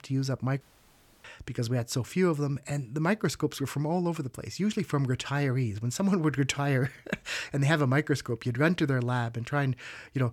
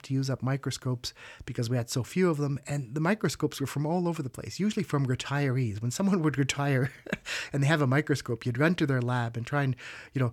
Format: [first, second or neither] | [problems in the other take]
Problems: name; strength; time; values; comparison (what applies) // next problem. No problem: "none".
second | audio cutting out; at 0.5 s for 0.5 s